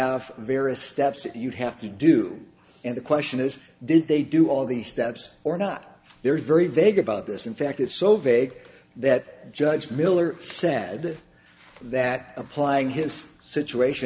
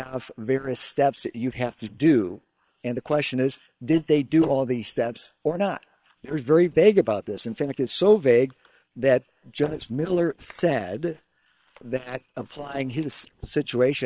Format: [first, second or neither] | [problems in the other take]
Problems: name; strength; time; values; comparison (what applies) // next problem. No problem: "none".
first | noise reduction (neural separator model SepFormer WHAM!)